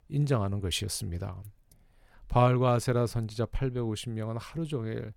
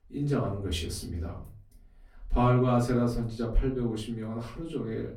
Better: first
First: none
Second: off-mic speech; far // room echo; slight; dies away in 0.3 s

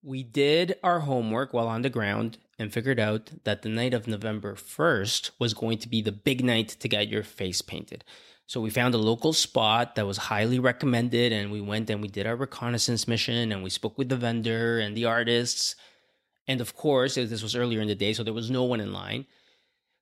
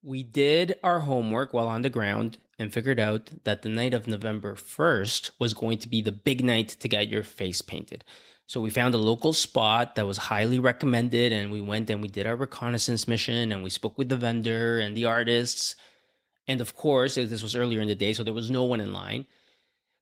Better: first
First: none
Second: garbled, watery; slightly; nothing above 16 kHz

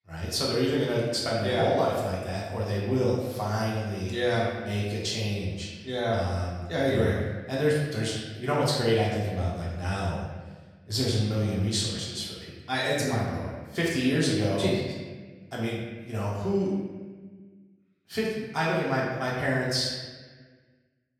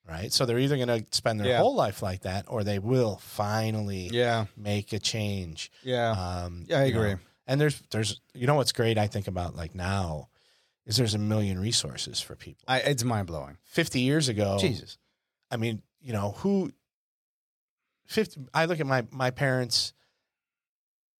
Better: second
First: room echo; noticeable; dies away in 1.2 s // off-mic speech; far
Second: none

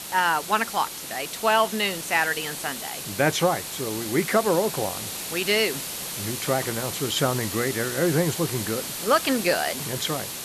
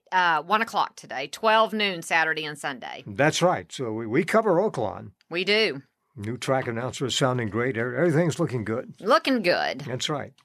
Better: second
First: hiss; loud; throughout; 6 dB below the speech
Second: none

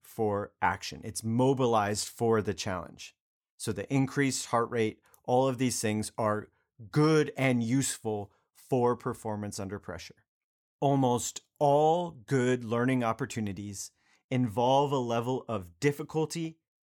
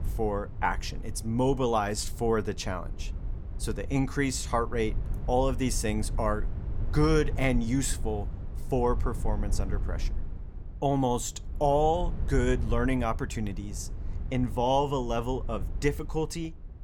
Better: first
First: none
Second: low rumble; faint; throughout; 20 dB below the speech

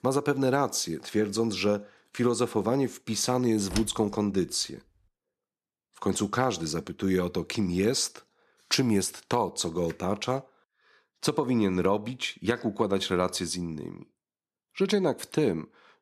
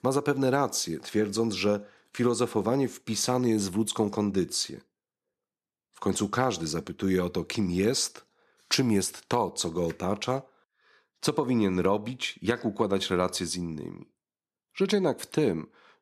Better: second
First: door banging; noticeable; at 3.5 s; peak 8 dB below the speech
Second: none

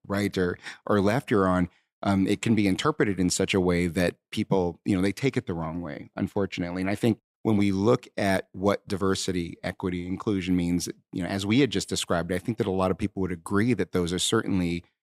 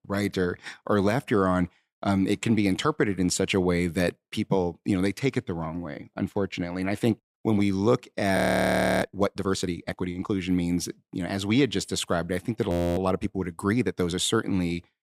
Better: first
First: none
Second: audio freezing; at 8.5 s for 0.5 s and at 13 s

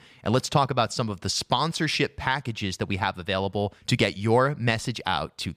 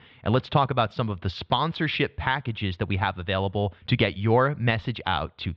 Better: first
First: none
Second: muffled; slightly; fading above 3.5 kHz

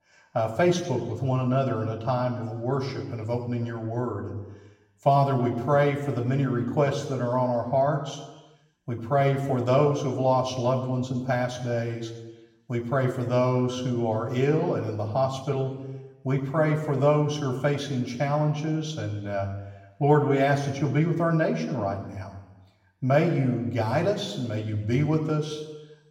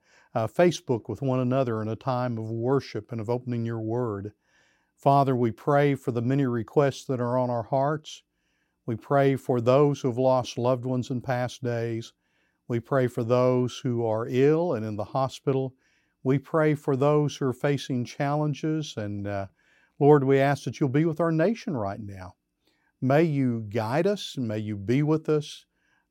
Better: second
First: room echo; slight; dies away in 1 s // off-mic speech; somewhat distant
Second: none

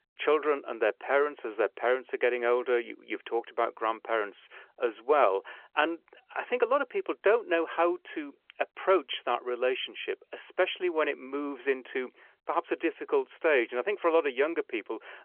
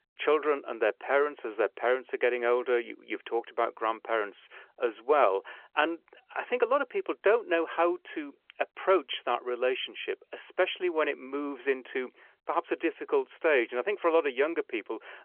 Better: neither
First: phone-call audio; nothing above 3.5 kHz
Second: phone-call audio; nothing above 3.5 kHz

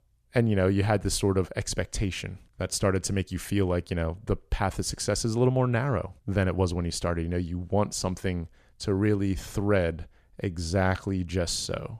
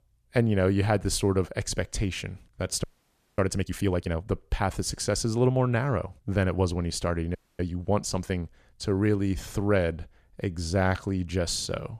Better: first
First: none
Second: audio freezing; at 3 s for 0.5 s and at 7.5 s

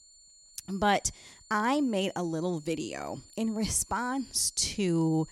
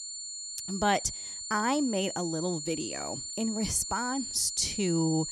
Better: first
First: high-pitched whine; faint; throughout; 7 kHz, 25 dB below the speech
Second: high-pitched whine; loud; throughout; 7 kHz, 6 dB below the speech

